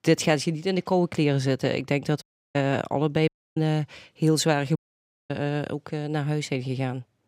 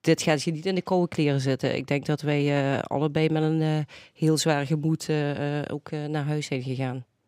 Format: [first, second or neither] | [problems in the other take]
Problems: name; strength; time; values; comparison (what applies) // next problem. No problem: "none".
second | audio cutting out; at 2 s, at 3.5 s and at 5 s for 0.5 s